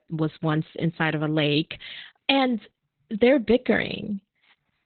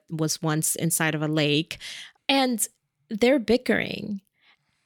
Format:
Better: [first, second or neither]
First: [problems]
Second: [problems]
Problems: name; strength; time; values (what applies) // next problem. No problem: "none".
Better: second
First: garbled, watery; badly; nothing above 4 kHz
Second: none